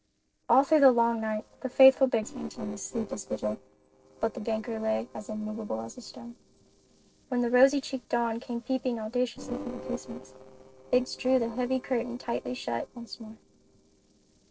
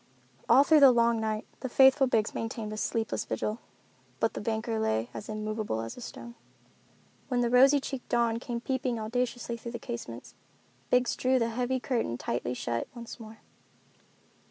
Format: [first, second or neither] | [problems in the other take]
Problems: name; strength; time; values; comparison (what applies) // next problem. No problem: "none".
second | noise reduction (neural separator model SepFormer DNS4)